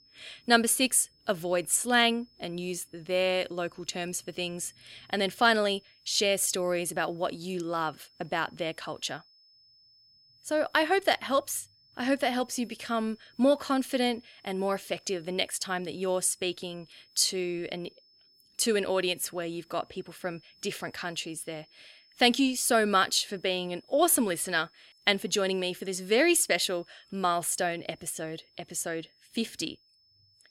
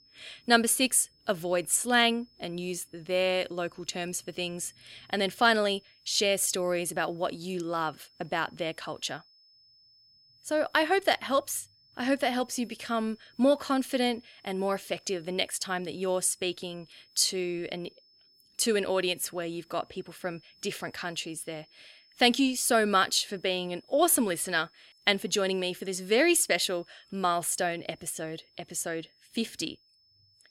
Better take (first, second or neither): neither